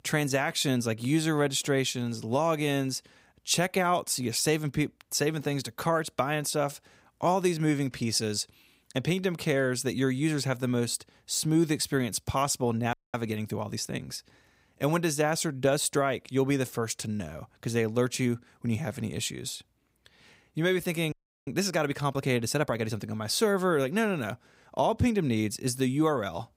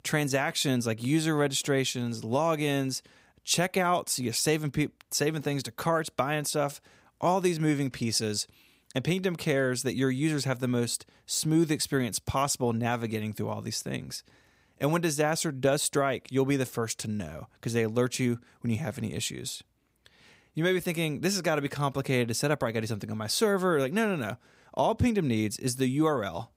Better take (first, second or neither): second